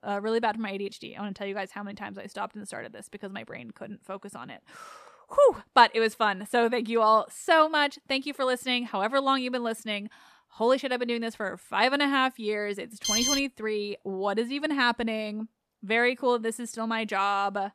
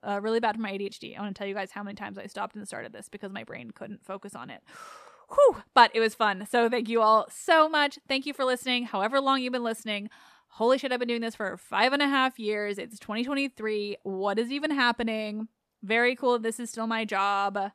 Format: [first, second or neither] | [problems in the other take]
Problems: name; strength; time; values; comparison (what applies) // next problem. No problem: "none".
second | alarm; loud; at 13 s; peak 3 dB above the speech